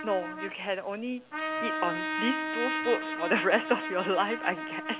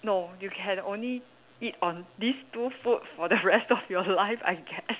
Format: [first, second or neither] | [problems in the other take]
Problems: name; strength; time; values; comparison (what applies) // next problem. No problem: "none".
second | background sound (Trumpet); 4 dB below the speech